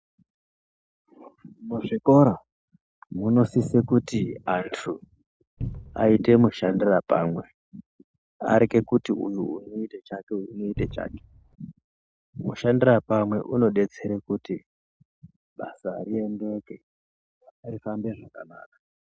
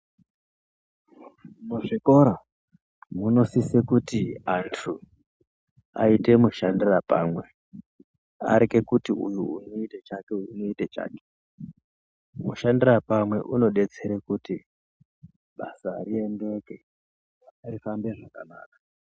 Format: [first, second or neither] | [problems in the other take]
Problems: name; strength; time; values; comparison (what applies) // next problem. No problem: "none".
second | noise reduction (neural separator model SepFormer DNS4)